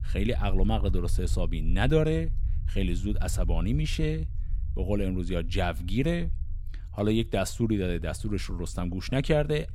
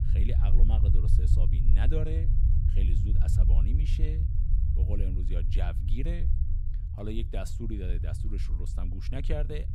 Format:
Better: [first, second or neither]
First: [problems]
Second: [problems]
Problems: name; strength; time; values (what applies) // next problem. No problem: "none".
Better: first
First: low rumble; faint; throughout; 20 dB below the speech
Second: low rumble; loud; throughout; 3 dB below the speech